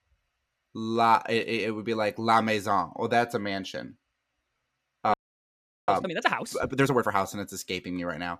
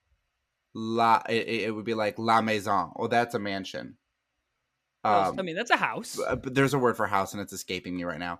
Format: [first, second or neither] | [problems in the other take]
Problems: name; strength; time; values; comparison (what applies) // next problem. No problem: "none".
second | audio freezing; at 5 s for 0.5 s